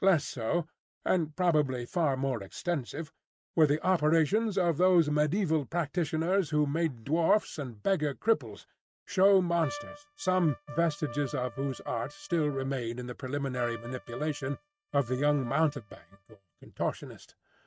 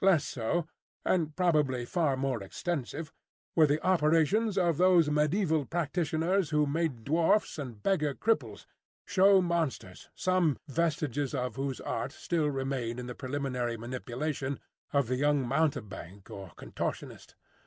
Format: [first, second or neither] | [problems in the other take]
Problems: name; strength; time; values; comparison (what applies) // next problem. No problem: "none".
second | noise reduction (neural mask model RNNoise)